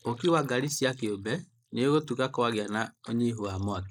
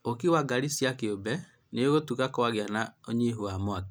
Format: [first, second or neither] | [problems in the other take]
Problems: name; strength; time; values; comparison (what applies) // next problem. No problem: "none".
second | noise reduction (neural mask model Resemble Enhance denoiser)